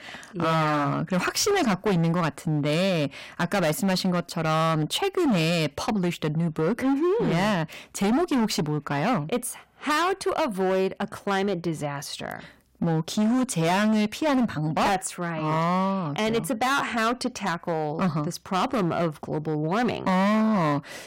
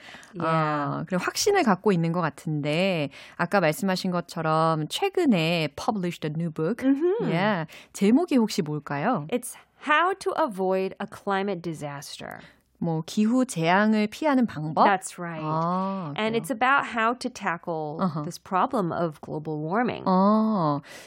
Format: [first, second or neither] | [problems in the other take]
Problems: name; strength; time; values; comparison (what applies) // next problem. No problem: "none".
second | distortion; heavy; 18% of the sound clipped